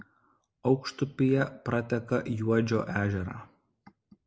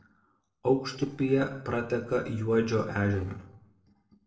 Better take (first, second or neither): first